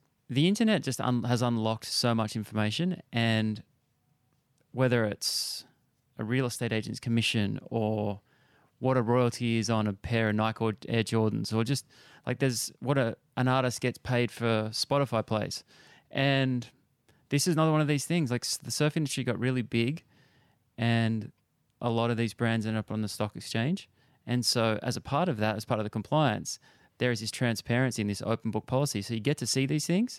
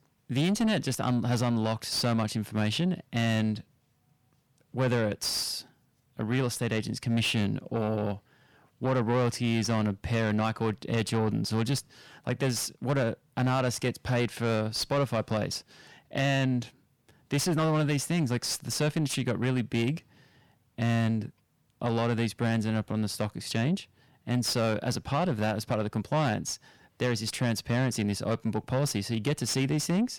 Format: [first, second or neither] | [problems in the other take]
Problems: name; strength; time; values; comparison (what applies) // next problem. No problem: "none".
first | distortion; slight; 10 dB below the speech